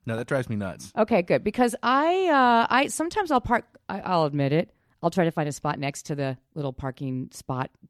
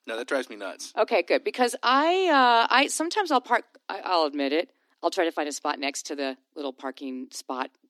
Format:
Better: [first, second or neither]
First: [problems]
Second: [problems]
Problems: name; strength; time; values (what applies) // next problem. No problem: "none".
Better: first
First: none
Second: thin; very slightly; fading below 250 Hz